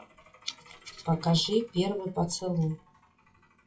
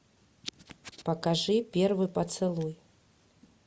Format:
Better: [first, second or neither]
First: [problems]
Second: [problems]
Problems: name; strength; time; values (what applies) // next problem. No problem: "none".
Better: second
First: noise reduction (classical method WPE with log-MMSE)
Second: none